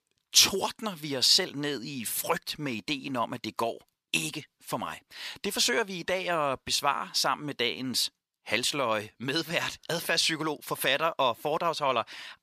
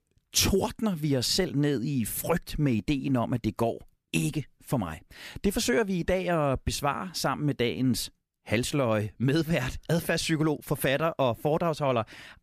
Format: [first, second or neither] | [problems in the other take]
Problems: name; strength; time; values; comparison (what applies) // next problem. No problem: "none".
second | thin; somewhat; fading below 650 Hz